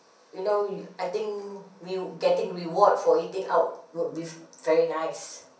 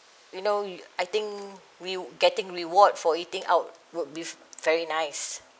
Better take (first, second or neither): second